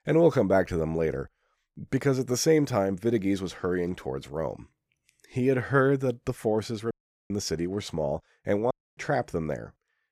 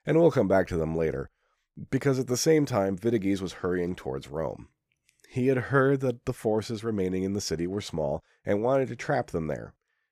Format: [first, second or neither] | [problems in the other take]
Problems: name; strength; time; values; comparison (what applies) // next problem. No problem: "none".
second | audio cutting out; at 7 s and at 8.5 s